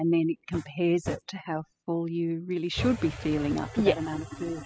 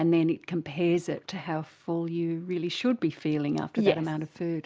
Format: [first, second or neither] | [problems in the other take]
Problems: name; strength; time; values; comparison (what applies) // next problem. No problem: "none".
second | noise reduction (classical method spectral subtraction)